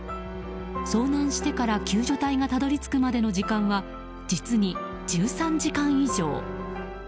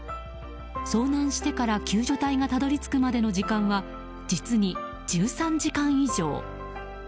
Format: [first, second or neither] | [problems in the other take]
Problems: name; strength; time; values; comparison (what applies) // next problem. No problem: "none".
second | background sound (Bowed string instrument); 12 dB below the speech